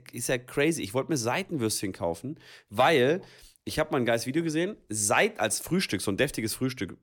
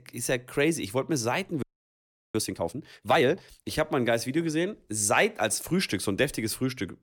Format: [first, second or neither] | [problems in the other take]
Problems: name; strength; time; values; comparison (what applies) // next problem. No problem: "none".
first | audio freezing; at 1.5 s for 0.5 s